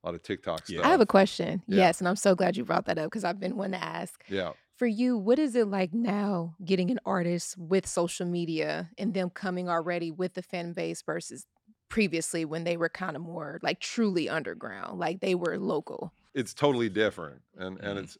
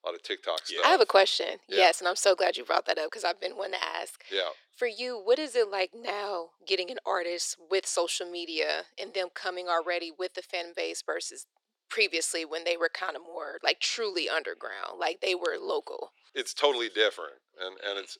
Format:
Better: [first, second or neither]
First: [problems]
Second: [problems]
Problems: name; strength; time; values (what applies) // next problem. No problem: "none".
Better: first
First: none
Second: thin; very; fading below 400 Hz